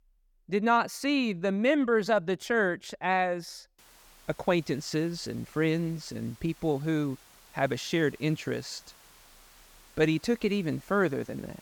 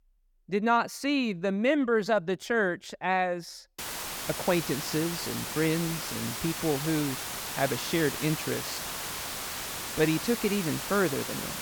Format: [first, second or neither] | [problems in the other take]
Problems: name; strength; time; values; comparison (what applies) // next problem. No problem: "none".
first | hiss; loud; from 4 s on; 5 dB below the speech; faint in the first